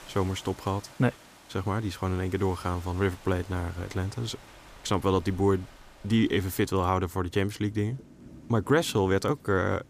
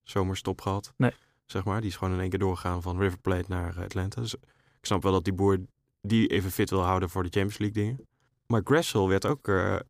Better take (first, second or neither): second